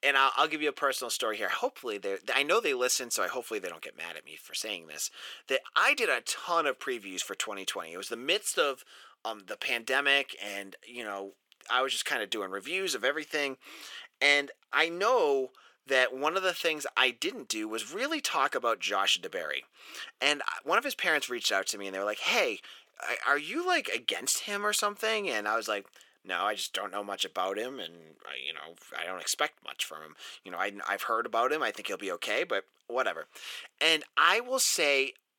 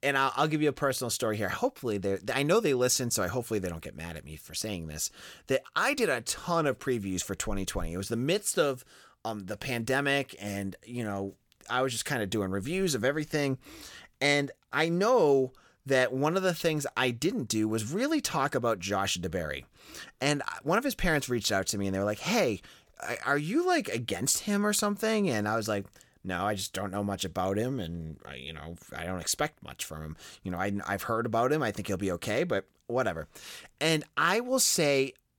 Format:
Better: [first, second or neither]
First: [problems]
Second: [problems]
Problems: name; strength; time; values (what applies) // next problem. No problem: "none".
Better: second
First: thin; somewhat; fading below 350 Hz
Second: none